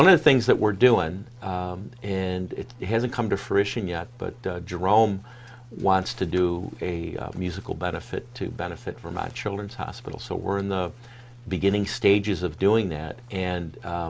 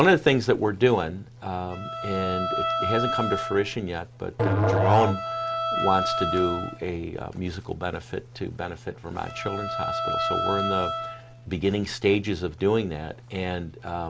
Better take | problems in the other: first | background sound (Bowed string instrument + Musical instrument); 1 dB below the speech

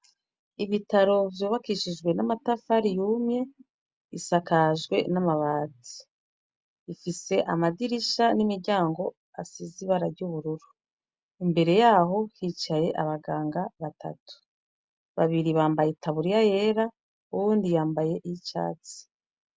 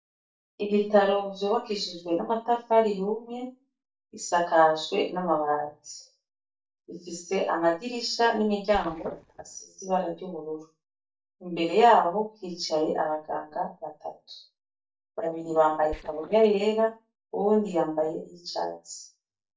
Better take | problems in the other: first | noise reduction (neural mask model DeepFilterNet 3)

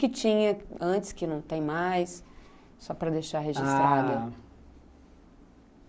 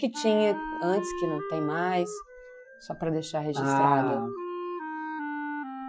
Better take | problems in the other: first | noise reduction (classical method Wiener filter)

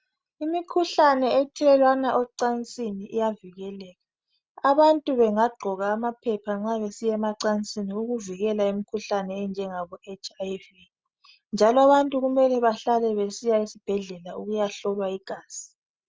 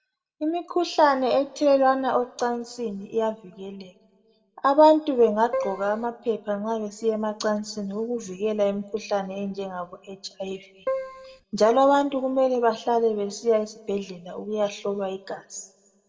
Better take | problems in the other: first | background sound (Keyboard (musical)); 6 dB below the speech // room echo; dies away in 0.8 s

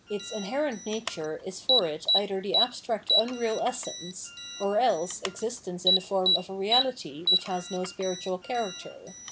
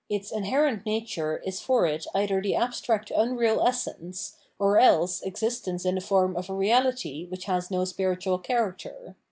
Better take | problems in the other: second | background sound (Alarm); 1 dB below the speech

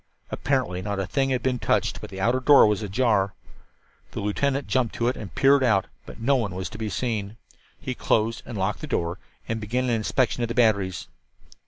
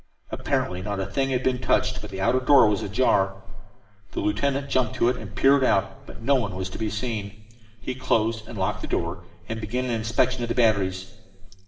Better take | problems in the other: first | room echo; dies away in 1.5 s

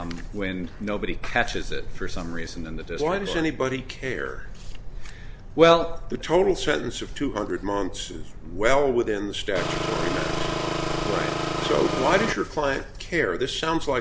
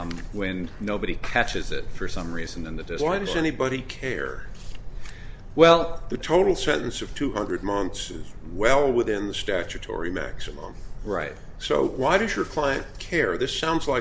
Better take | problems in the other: second | background sound (Engine); 2 dB below the speech

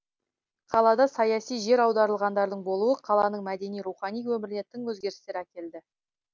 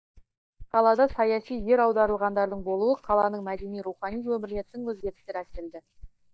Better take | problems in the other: first | noise reduction (neural mask model DeepFilterNet 3)

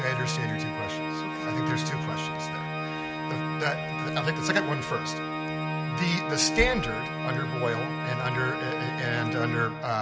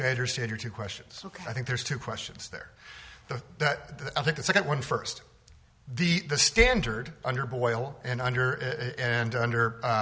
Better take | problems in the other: second | background sound (Organ); as loud as the speech

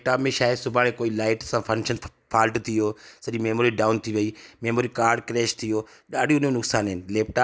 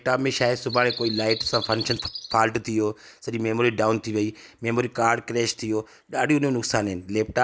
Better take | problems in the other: first | background sound (Bird vocalization, bird call, bird song); 14 dB below the speech

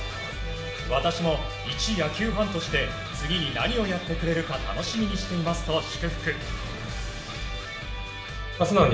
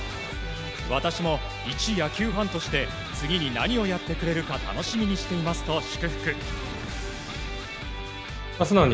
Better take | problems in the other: second | room echo; dies away in 1.9 s

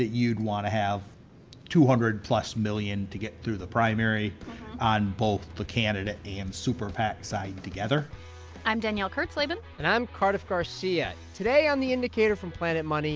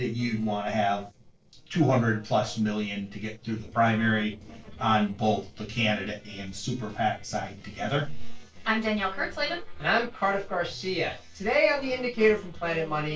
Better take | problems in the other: first | noise reduction (neural separator model SepFormer DNS4)

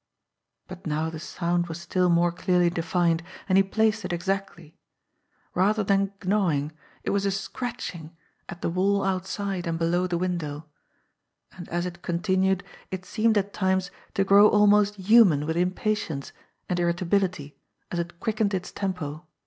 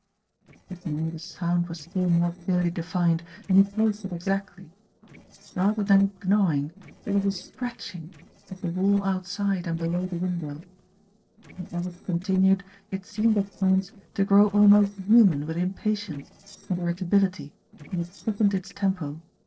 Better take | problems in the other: first | noise reduction (neural separator model SepFormer DNS4)

